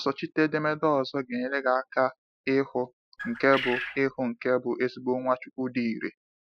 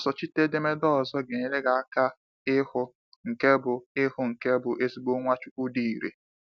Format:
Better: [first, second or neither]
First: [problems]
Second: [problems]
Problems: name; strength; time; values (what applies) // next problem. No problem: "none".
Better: second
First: noise reduction (classical method spectral subtraction)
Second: none